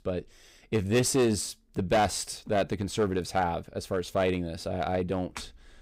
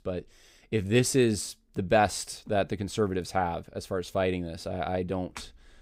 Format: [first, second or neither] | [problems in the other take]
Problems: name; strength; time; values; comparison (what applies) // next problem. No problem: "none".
second | distortion; slight; 5% of the sound clipped